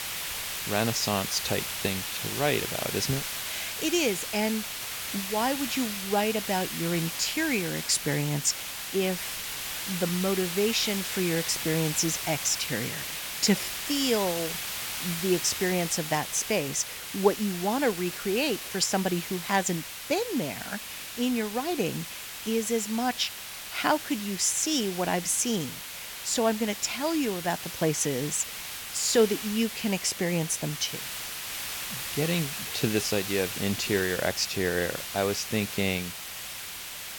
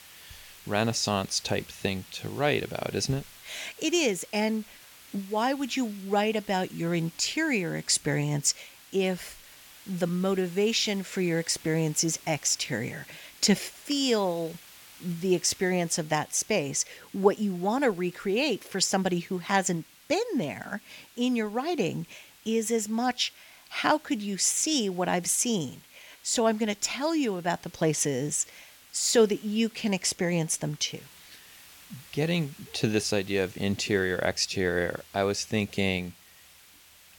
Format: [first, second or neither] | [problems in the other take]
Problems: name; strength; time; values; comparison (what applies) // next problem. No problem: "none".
second | hiss; loud; throughout; 5 dB below the speech; faint in the second